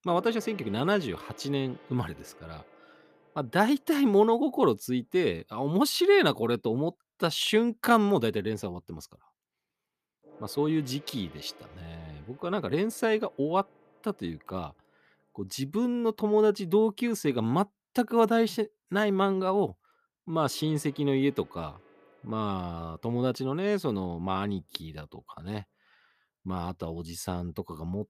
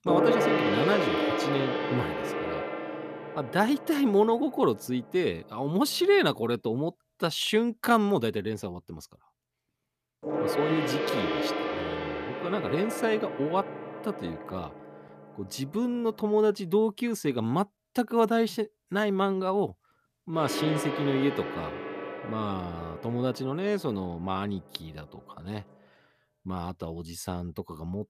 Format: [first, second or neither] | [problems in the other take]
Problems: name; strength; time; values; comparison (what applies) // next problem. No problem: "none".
first | background music; loud; throughout; 2 dB below the speech; faint in the first